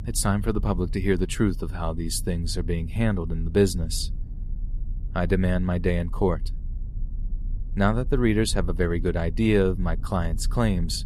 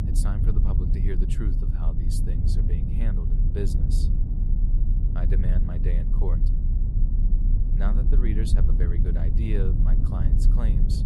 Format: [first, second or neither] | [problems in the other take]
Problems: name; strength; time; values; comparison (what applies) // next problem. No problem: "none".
first | low rumble; loud; throughout; 1 dB below the speech; faint in the first